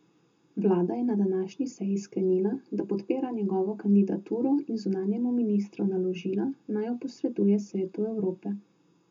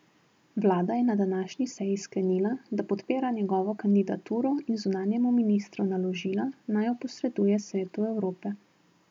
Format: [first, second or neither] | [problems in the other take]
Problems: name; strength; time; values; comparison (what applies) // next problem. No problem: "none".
second | room echo; dies away in 0.2 s